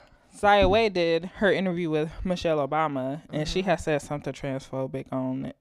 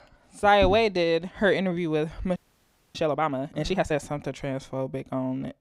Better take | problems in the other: first | audio freezing; at 2.5 s for 0.5 s

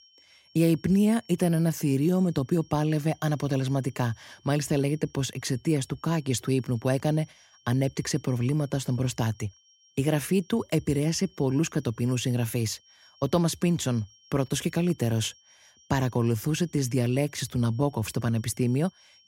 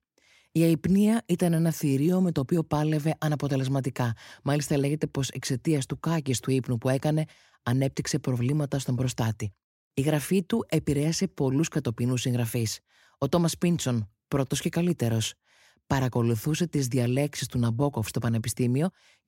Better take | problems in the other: second | high-pitched whine; faint; throughout; 5.5 kHz, 30 dB below the speech

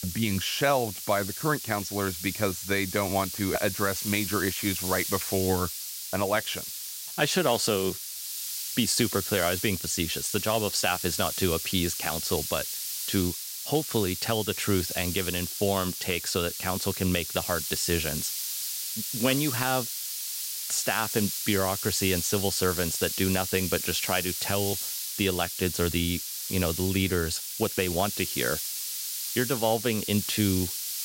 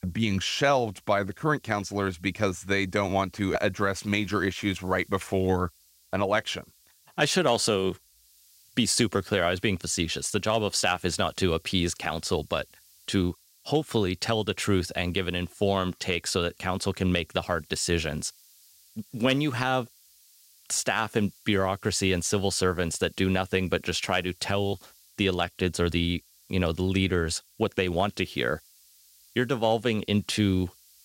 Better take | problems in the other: second | hiss; loud; throughout; 3 dB below the speech; faint in the second

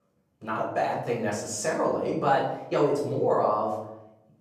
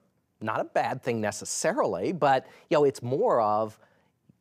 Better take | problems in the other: second | off-mic speech; far // room echo; noticeable; dies away in 0.7 s

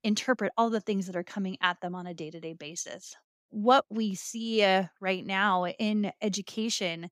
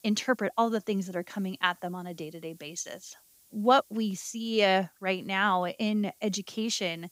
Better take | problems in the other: first | hiss; faint; throughout; 30 dB below the speech

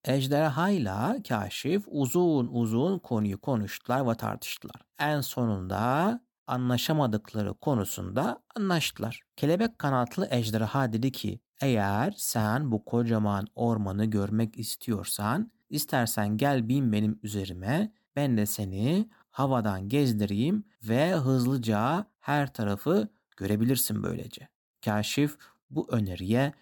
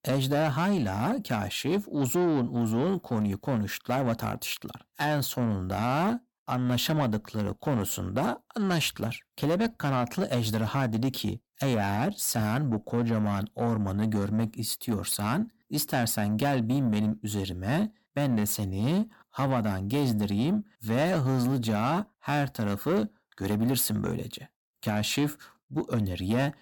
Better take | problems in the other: first | distortion; slight; 10 dB below the speech

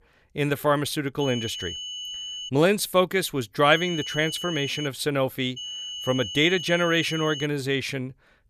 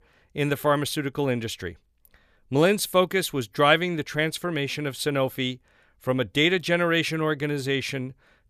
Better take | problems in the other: second | high-pitched whine; loud; from 1 to 2.5 s, from 3.5 to 5 s and from 5.5 to 7.5 s; 3 kHz, 8 dB below the speech

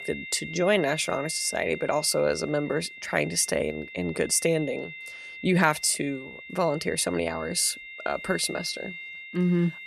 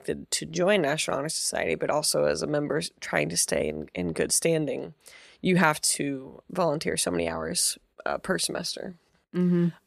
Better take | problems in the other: second | high-pitched whine; noticeable; throughout; 2 kHz, 15 dB below the speech

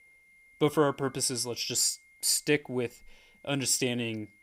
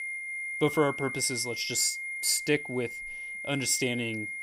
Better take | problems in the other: first | high-pitched whine; loud; throughout; 2 kHz, 6 dB below the speech; faint in the first

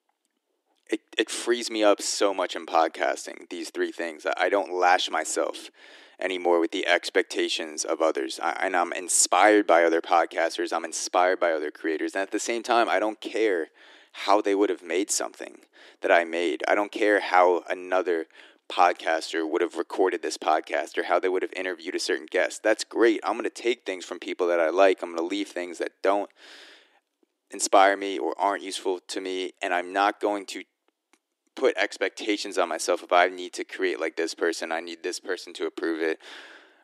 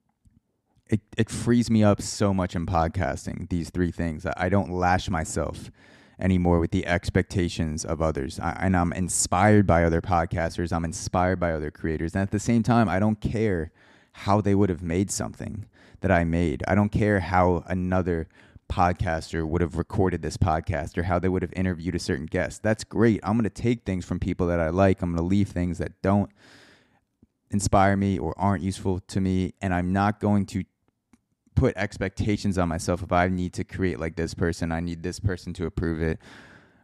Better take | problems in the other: second | thin; very; fading below 300 Hz

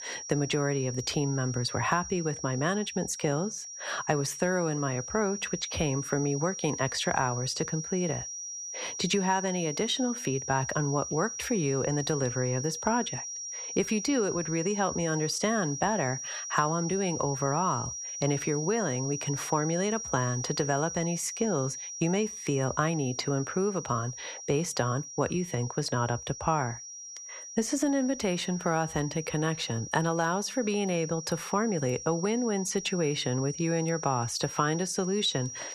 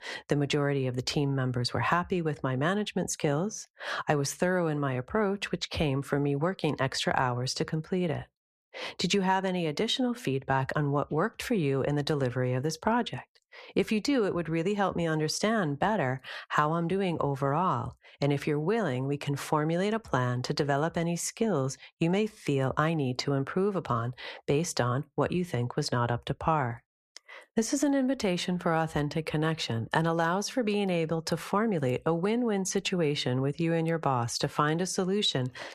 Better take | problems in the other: second | high-pitched whine; loud; throughout; 5.5 kHz, 7 dB below the speech

